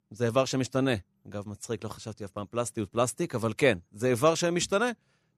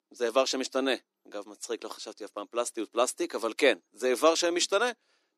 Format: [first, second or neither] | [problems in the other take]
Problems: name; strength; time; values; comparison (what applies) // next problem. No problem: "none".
first | thin; somewhat; fading below 300 Hz